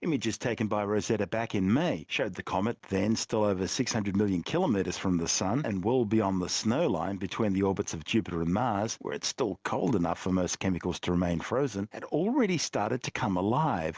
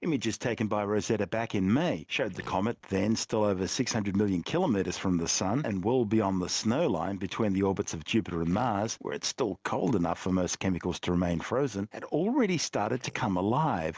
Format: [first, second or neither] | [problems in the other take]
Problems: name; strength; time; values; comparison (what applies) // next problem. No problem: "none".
first | noise reduction (neural mask model Resemble Enhance denoiser)